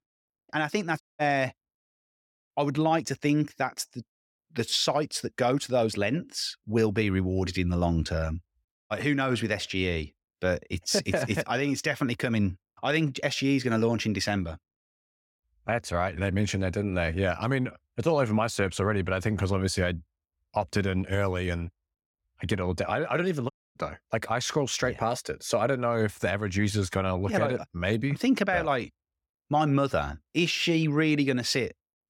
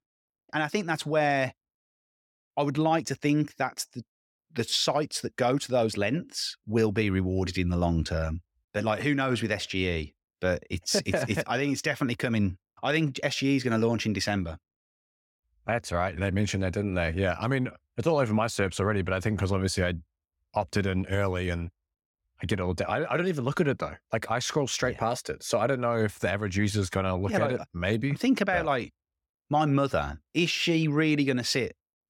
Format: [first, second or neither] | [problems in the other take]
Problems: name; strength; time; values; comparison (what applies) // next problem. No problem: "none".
second | audio cutting out; at 1 s, at 8.5 s and at 24 s